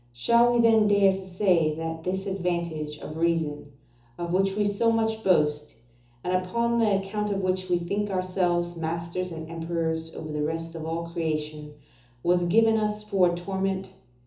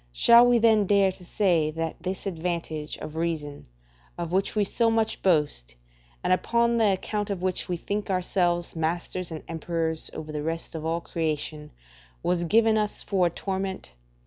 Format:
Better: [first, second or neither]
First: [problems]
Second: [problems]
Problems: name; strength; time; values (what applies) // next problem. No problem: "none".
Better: second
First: room echo; dies away in 0.7 s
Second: none